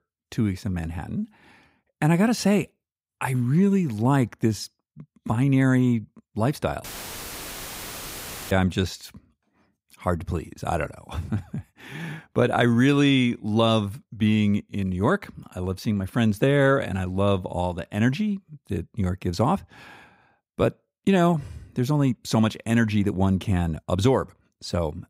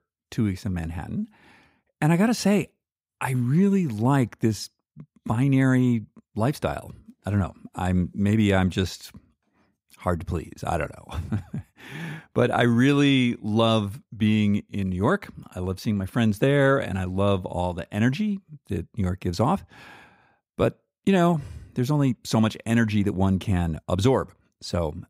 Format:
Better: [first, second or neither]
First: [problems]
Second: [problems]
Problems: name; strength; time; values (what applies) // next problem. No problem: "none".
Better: second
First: audio cutting out; filled with static; at 7 s for 1.5 s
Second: none